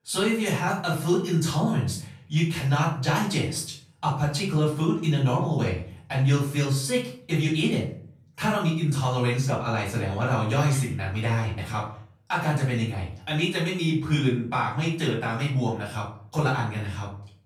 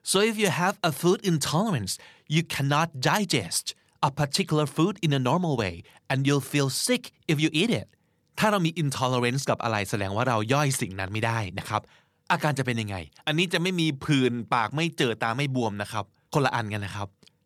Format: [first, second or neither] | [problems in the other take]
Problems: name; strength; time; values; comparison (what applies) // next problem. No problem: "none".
second | off-mic speech; far // room echo; noticeable; dies away in 0.5 s